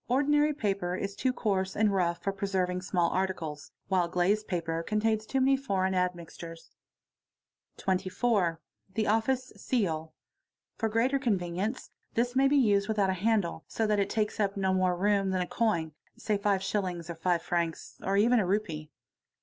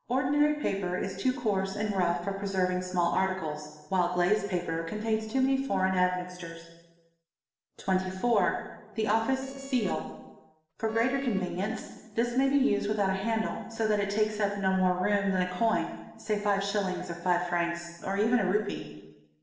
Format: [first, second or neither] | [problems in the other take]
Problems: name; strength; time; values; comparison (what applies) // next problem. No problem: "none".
first | noise reduction (neural separator model SepFormer DNS4)